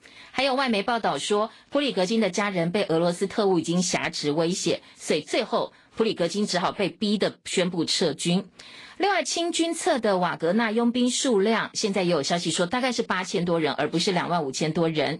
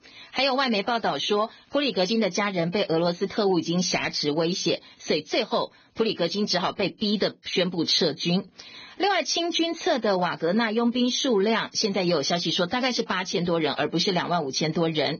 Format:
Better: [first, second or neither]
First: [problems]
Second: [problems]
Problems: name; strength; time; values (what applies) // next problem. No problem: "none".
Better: first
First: garbled, watery; slightly; nothing above 10 kHz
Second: garbled, watery; badly; nothing above 6.5 kHz